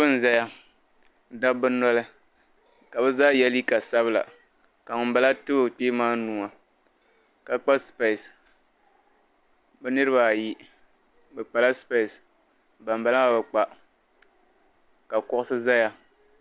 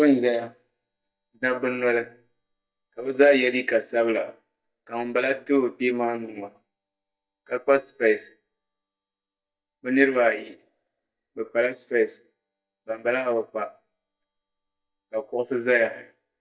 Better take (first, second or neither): first